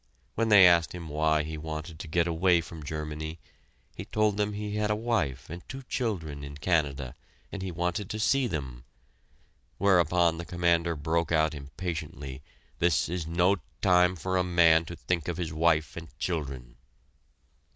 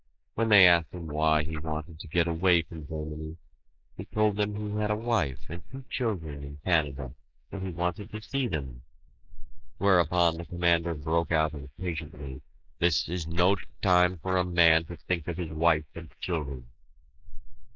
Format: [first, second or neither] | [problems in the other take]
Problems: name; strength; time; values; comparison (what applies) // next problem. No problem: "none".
first | noise reduction (neural mask model Resemble Enhance denoiser)